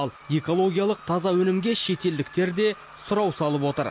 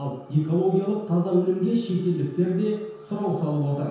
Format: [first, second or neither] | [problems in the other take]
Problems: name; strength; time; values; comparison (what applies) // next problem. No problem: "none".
first | room echo; dies away in 0.9 s